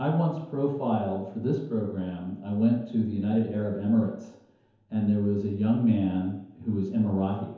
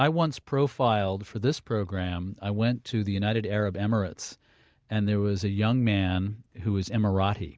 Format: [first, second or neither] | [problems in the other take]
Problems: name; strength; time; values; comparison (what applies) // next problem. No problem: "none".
second | room echo; dies away in 0.9 s